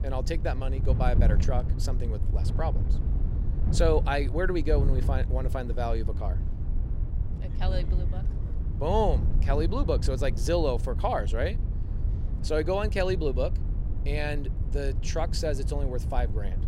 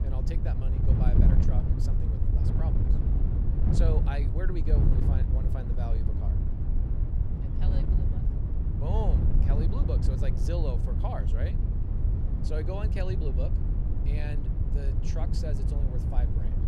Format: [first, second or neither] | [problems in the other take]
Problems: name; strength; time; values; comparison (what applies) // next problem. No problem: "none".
first | wind noise on the microphone; heavy; 1 dB below the speech; occasional gusts in the first